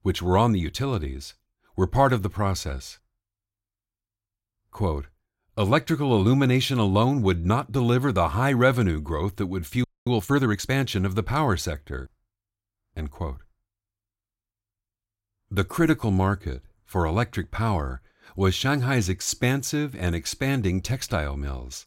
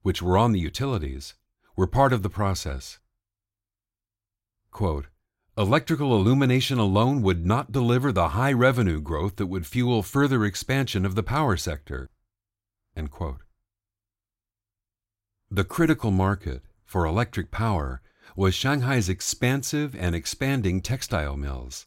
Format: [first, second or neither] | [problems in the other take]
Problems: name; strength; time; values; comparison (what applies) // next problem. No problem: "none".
second | audio freezing; at 10 s